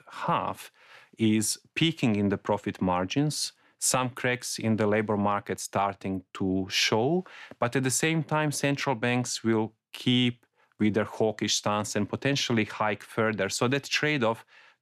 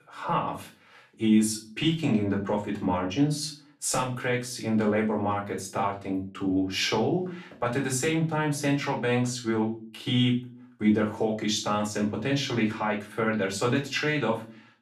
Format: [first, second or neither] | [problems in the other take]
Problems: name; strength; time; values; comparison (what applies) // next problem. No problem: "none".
first | room echo; slight; dies away in 0.3 s // off-mic speech; far